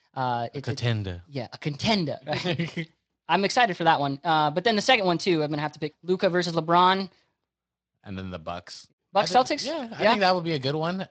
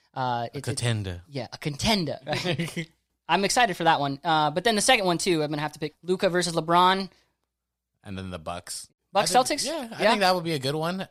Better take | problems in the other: second | garbled, watery; slightly; nothing above 8 kHz

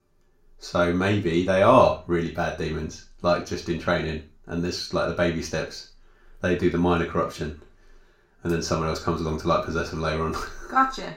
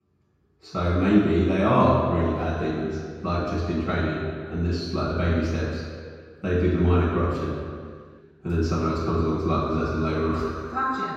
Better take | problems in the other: first | room echo; strong; dies away in 2 s; slight in the first // off-mic speech; far; somewhat distant in the first

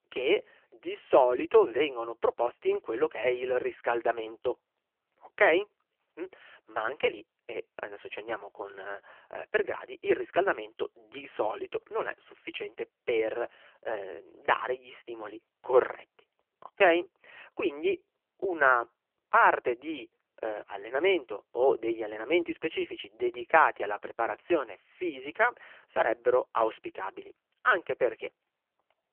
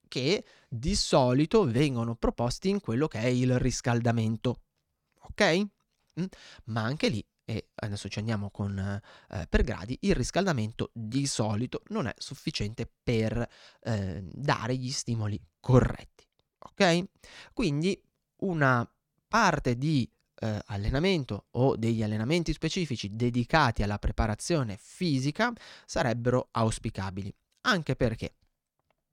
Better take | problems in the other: second | phone-call audio; poor line; nothing above 3 kHz

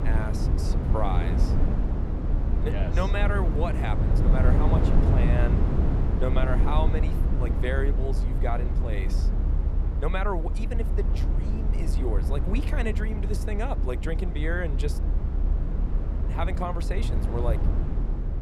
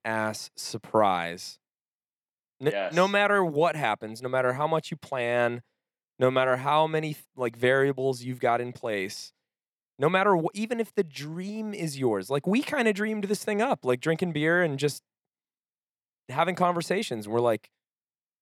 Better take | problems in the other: second | low rumble; loud; throughout; 4 dB below the speech

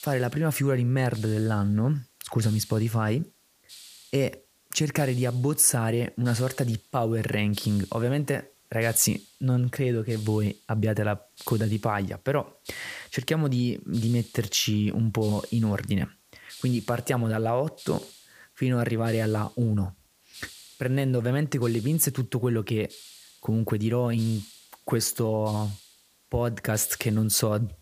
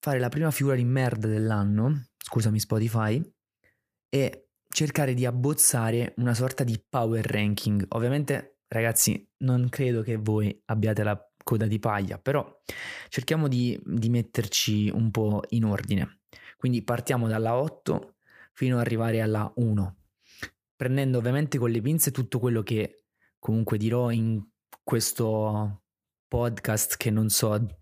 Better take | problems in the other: second | hiss; faint; throughout; 20 dB below the speech

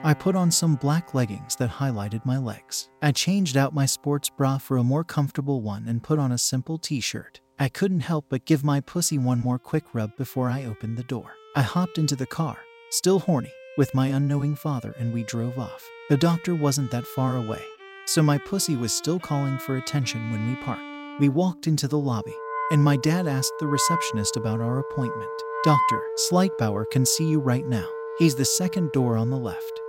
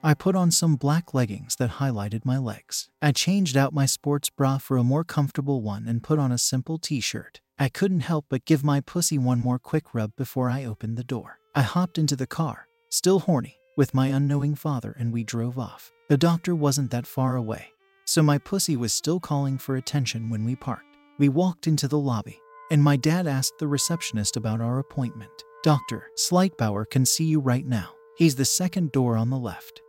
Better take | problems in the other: second | background music; loud; throughout; 8 dB below the speech; faint in the second

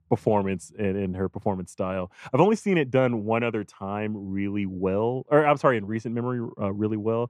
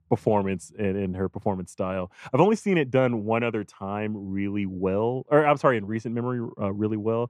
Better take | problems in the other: neither | muffled; very; fading above 2.5 kHz; the same in both

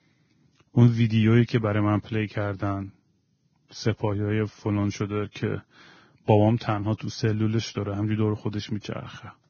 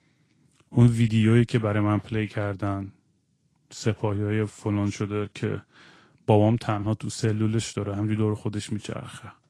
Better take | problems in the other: second | garbled, watery; badly; nothing above 6.5 kHz; slightly in the second

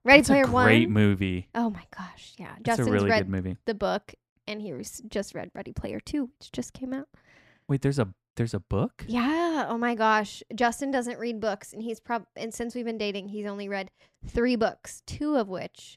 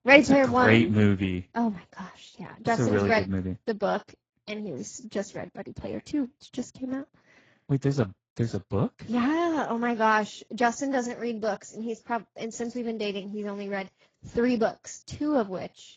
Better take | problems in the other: first | garbled, watery; badly; nothing above 7.5 kHz

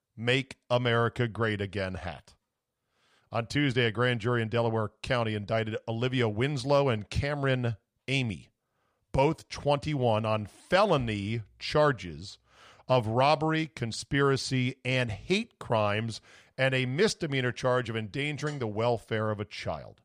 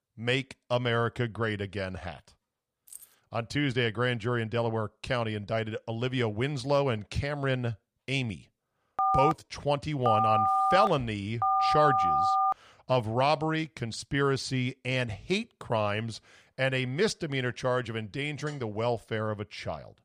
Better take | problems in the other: first | jangling keys; faint; at 3 s; peak 15 dB below the speech // phone ringing; loud; from 9 to 13 s; peak 5 dB above the speech

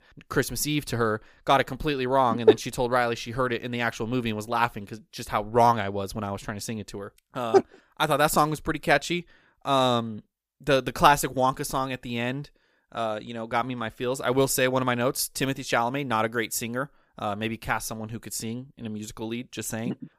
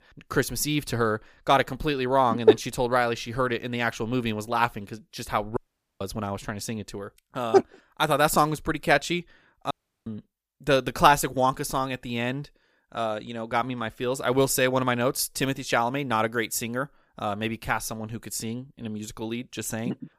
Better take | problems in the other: first | audio cutting out; at 5.5 s and at 9.5 s

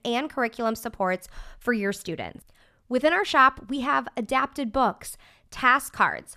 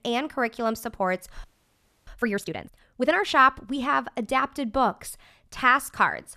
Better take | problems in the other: first | audio freezing; at 1.5 s for 0.5 s

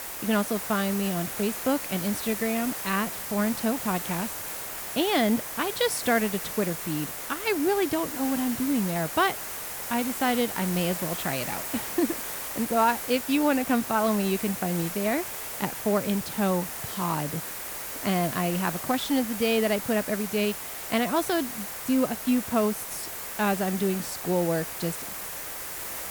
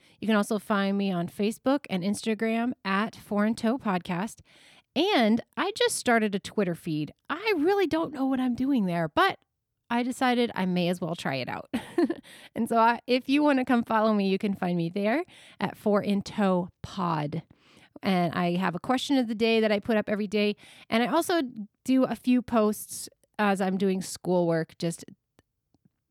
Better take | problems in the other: second | hiss; loud; throughout; 5 dB below the speech

